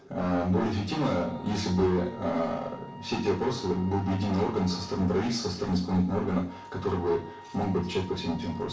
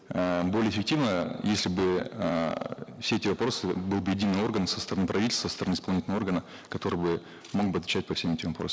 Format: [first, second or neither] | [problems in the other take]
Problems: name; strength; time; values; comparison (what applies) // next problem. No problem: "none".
second | background sound (Wind instrument, woodwind instrument); 20 dB below the speech // room echo; dies away in 0.4 s